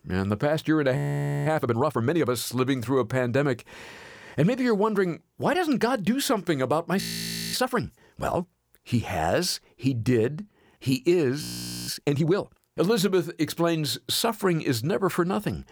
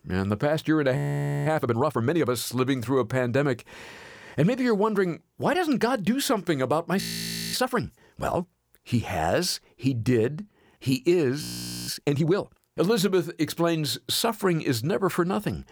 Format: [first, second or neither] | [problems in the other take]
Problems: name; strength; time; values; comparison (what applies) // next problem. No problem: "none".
neither | audio freezing; at 1 s, at 7 s for 0.5 s and at 11 s; the same in both